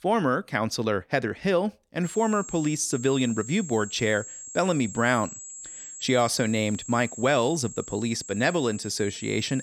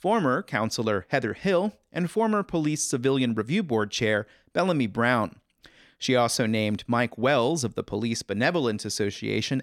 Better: second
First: high-pitched whine; noticeable; from 2 s on; 7.5 kHz, 10 dB below the speech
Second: none

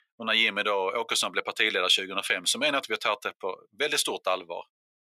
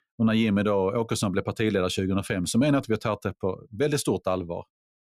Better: second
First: thin; very; fading below 700 Hz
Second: none

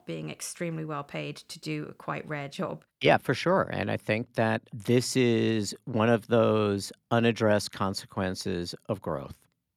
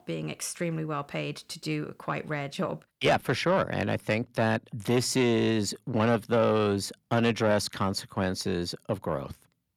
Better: first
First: none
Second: distortion; slight; 10 dB below the speech

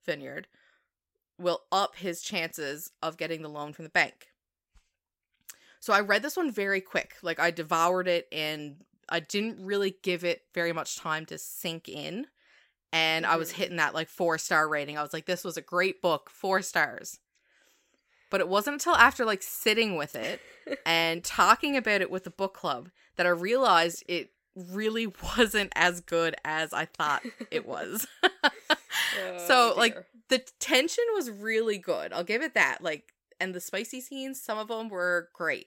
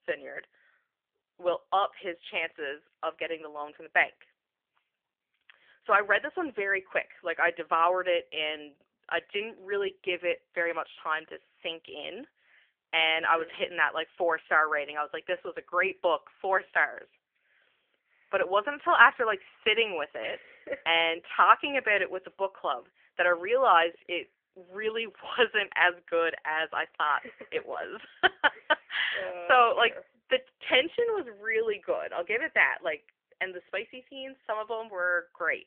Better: first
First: none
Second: phone-call audio; nothing above 3.5 kHz

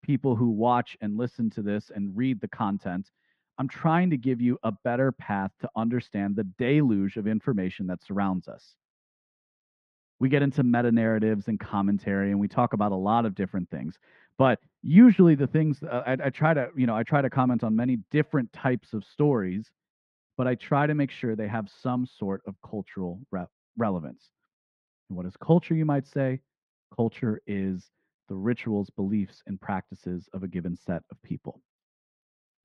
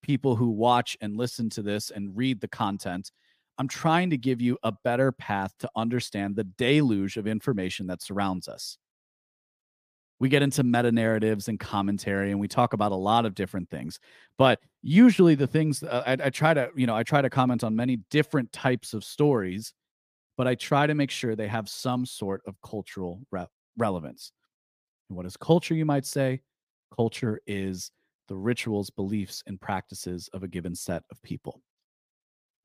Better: second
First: muffled; very; fading above 2 kHz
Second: none

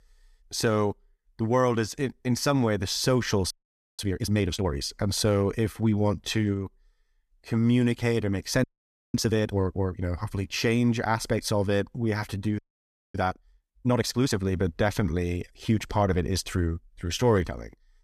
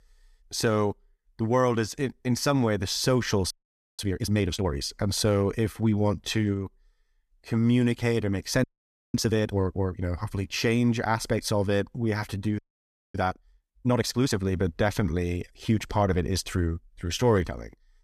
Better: neither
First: audio freezing; at 3.5 s, at 8.5 s for 0.5 s and at 13 s for 0.5 s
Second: audio freezing; at 3.5 s, at 8.5 s for 0.5 s and at 13 s for 0.5 s

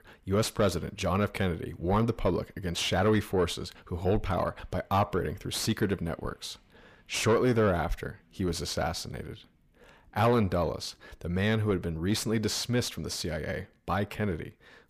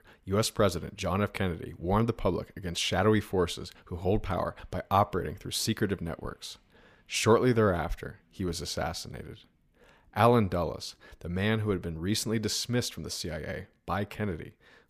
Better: second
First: distortion; slight; 10 dB below the speech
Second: none

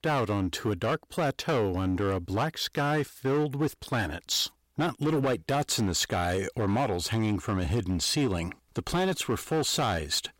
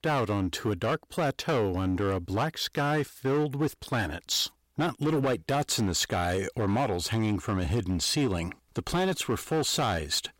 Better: neither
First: distortion; slight; 11% of the sound clipped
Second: distortion; slight; 11% of the sound clipped

